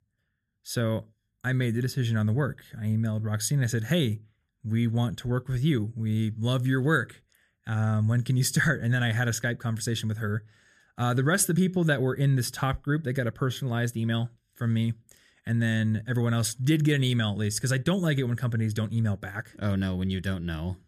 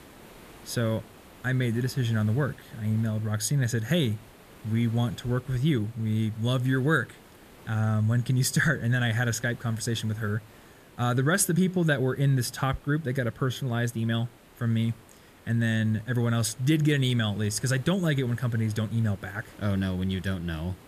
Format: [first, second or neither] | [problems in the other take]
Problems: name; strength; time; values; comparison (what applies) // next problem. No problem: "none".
first | hiss; faint; throughout; 25 dB below the speech